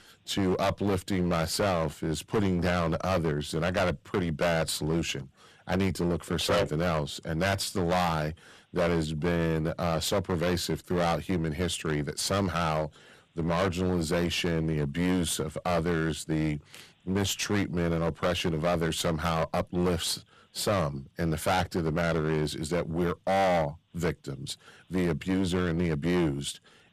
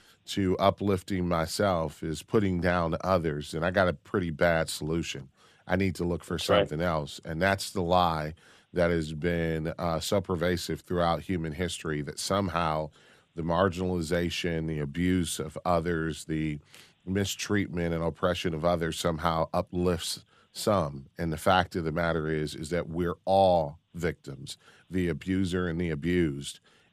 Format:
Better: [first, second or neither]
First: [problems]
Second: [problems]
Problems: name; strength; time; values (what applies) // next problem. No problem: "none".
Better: second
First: distortion; heavy; 14% of the sound clipped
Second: none